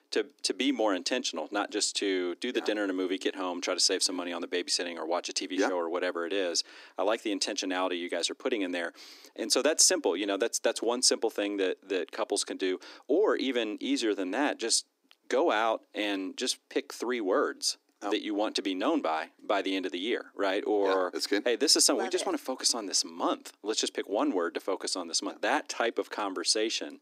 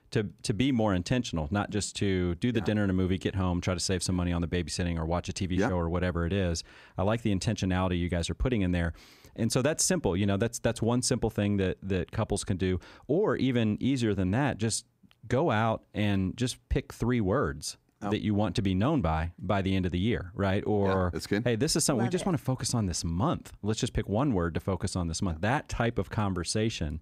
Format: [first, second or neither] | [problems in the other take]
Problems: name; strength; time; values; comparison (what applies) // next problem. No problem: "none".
second | thin; somewhat; fading below 300 Hz